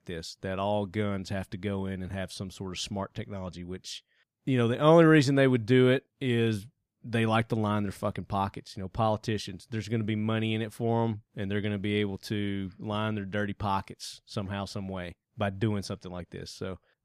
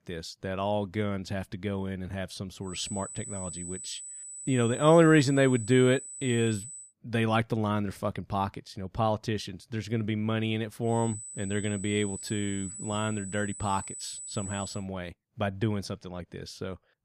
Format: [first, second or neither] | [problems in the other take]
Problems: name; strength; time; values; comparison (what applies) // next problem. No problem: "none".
first | high-pitched whine; loud; from 2.5 to 7 s and from 11 to 15 s; 8 kHz, 10 dB below the speech